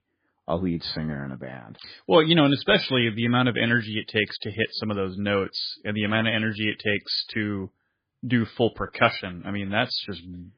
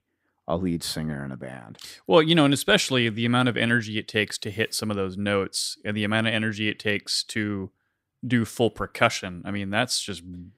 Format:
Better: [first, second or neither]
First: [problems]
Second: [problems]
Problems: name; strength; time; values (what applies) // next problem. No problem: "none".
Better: second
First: garbled, watery; badly; nothing above 4.5 kHz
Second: none